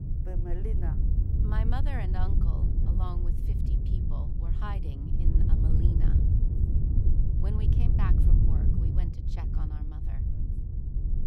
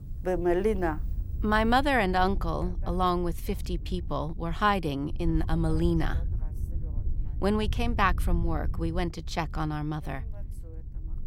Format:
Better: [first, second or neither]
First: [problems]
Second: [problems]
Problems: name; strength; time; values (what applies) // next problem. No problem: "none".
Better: second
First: wind noise on the microphone; heavy; 1 dB above the speech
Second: wind noise on the microphone; occasional gusts; 25 dB below the speech